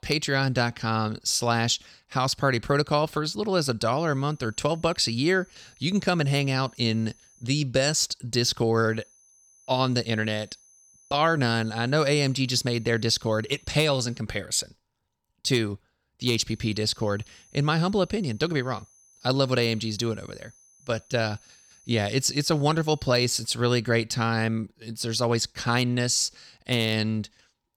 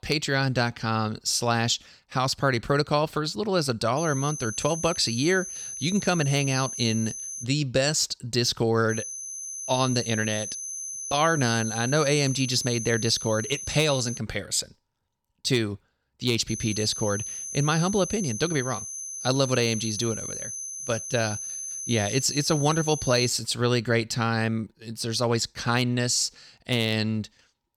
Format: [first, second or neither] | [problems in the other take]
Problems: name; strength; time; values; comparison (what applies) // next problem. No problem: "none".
first | high-pitched whine; loud; from 4 to 7.5 s, from 9 to 14 s and from 16 to 23 s; 6 kHz, 7 dB below the speech; faint in the first